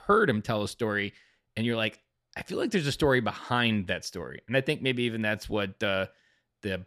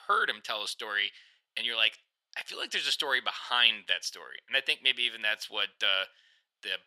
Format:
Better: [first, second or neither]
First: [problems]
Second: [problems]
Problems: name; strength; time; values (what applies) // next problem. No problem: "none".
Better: first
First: none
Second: thin; very; fading below 1 kHz